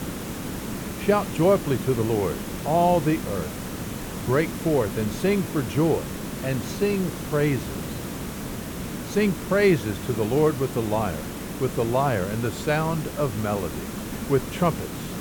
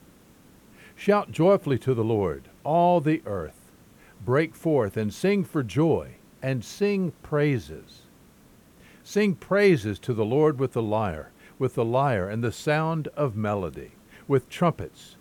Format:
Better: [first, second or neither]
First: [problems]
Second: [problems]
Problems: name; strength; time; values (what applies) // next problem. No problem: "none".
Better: second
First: hiss; loud; throughout; 8 dB below the speech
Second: hiss; faint; throughout; 30 dB below the speech